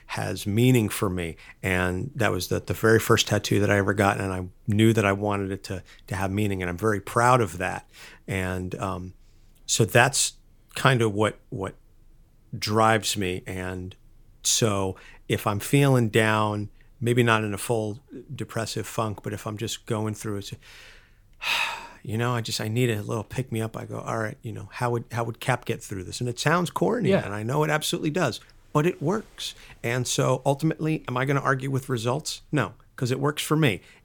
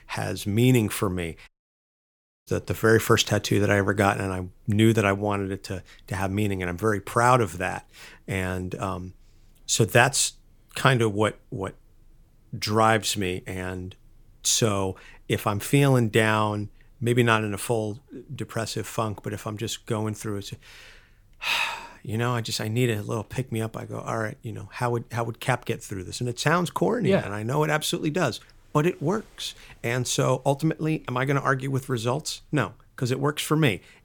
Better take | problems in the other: first | audio cutting out; at 1.5 s for 1 s

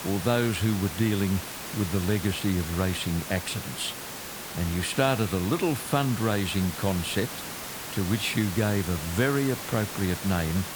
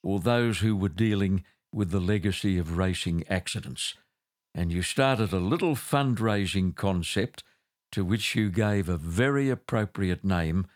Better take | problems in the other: second | hiss; loud; throughout; 7 dB below the speech

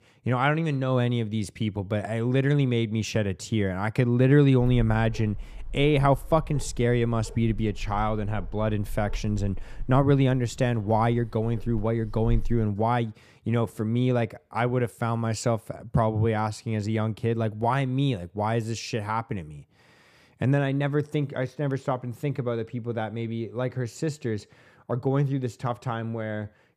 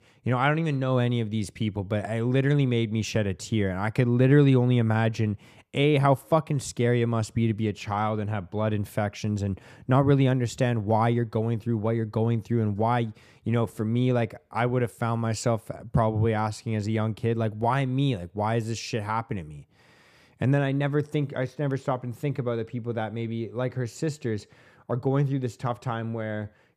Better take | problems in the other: second | dog barking; noticeable; from 4.5 to 13 s; peak 8 dB below the speech

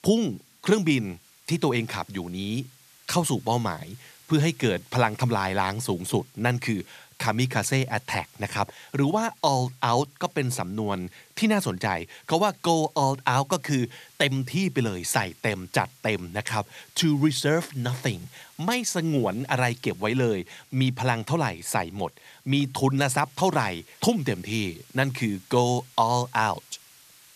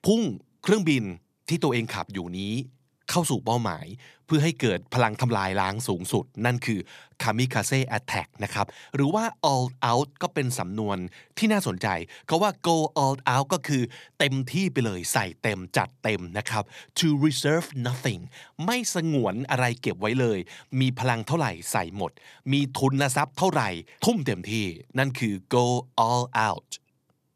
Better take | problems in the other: second | hiss; faint; throughout; 25 dB below the speech

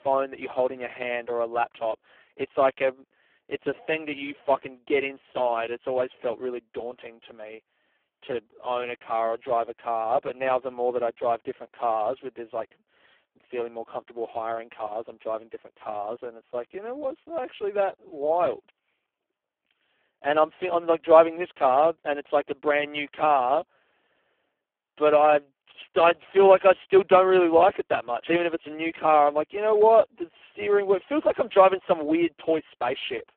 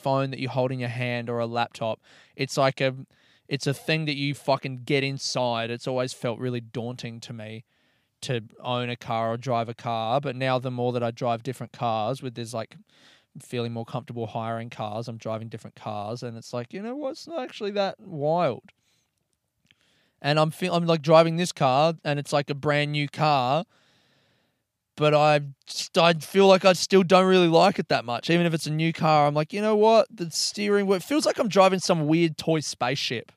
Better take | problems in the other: second | phone-call audio; poor line

